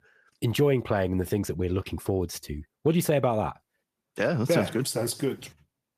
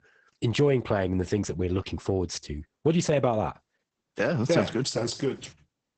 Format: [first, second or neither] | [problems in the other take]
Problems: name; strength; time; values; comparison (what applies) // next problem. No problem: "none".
first | garbled, watery; badly; nothing above 8 kHz; slightly in the first